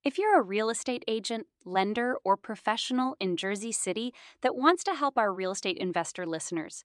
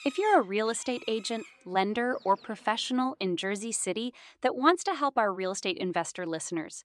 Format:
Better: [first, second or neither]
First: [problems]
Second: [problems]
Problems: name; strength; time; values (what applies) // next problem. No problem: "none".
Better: first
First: none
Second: animal sounds; faint; until 3 s; 20 dB below the speech